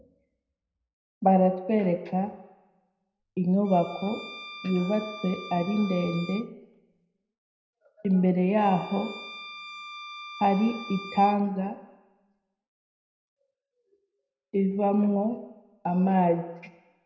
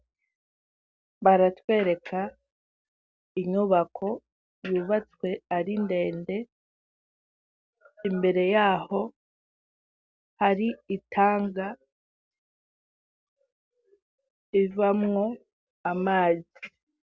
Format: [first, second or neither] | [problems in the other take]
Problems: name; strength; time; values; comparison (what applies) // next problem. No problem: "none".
second | background sound (Bowed string instrument); 15 dB below the speech // room echo; dies away in 0.8 s